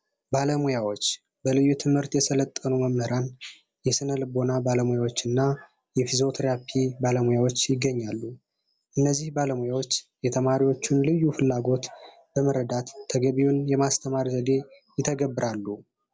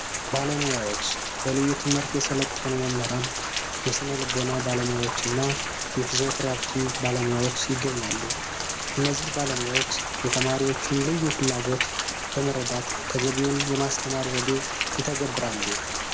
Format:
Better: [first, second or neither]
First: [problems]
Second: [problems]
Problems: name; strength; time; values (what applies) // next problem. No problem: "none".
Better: first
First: none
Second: background sound (Rain); 1 dB below the speech